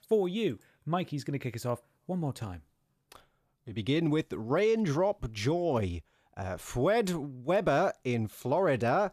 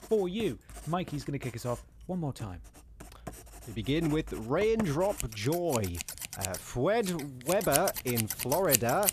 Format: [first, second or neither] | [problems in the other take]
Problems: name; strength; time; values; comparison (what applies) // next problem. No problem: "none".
first | household noises; loud; throughout; 4 dB below the speech